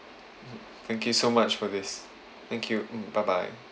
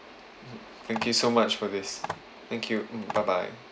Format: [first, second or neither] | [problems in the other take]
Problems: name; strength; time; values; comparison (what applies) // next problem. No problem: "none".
first | background sound (Telephone); 12 dB below the speech